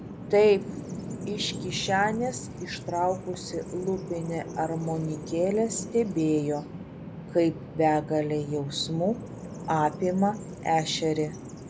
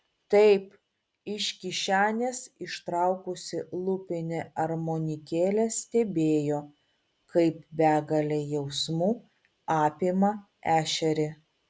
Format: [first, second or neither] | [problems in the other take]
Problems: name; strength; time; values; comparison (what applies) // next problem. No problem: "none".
second | background sound (Bird vocalization, bird call, bird song); 10 dB below the speech